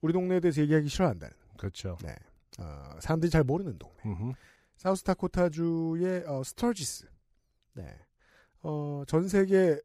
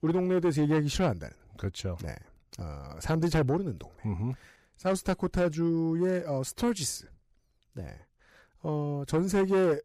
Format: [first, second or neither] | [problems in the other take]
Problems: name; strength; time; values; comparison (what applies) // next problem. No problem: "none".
first | distortion; slight; 10 dB below the speech